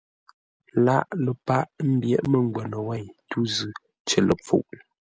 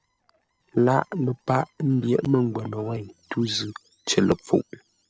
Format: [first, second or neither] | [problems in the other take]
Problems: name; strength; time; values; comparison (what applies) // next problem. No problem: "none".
first | noise reduction (neural separator model SepFormer DNS4)